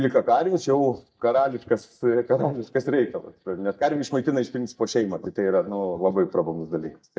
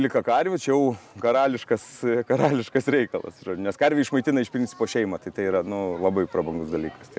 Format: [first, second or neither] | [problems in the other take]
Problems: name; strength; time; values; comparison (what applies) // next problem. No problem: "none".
second | noise reduction (neural mask model DeepFilterNet 3)